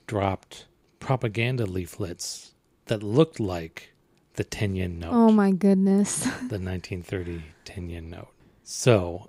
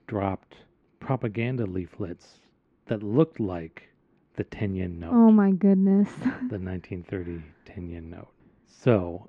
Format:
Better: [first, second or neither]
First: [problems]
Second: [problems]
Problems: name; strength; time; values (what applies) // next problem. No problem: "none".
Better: first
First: none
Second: muffled; very; fading above 2 kHz